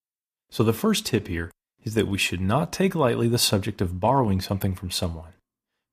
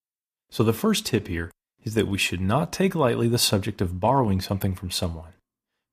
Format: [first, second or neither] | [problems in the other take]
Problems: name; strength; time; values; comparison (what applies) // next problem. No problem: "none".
neither | none